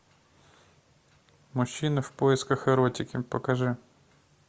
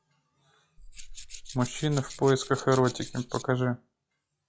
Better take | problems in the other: first | noise reduction (classical method log-MMSE)

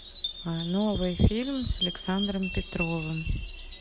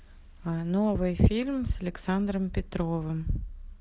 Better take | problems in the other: second | background sound (Chime + Insect); 9 dB below the speech

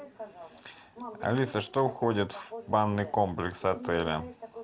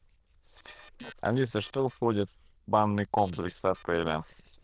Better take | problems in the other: first | noise reduction (neural diffusion model UNIVERSE++)

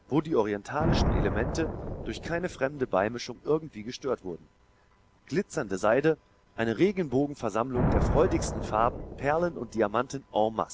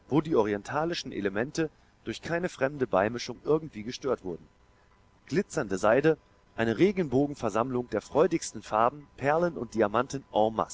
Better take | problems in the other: second | background sound (Thunder); 5 dB below the speech

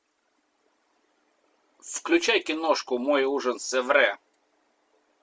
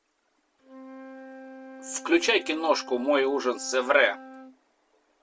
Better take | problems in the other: first | background sound (Wind instrument, woodwind instrument); 17 dB below the speech

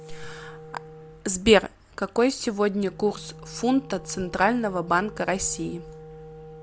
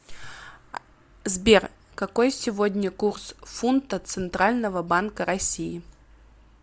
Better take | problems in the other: second | background sound (Wind instrument, woodwind instrument); 18 dB below the speech

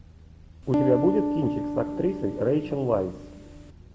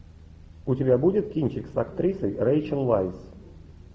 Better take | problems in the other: second | background sound (Piano); 2 dB below the speech

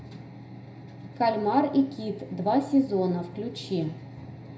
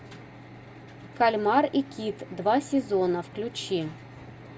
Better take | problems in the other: second | room echo; dies away in 0.5 s

